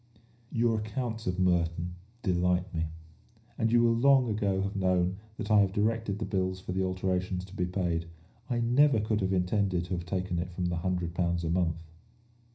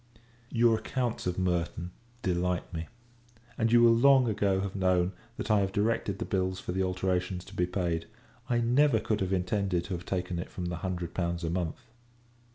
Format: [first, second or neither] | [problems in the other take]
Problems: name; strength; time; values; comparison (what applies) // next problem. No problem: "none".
second | room echo; dies away in 0.4 s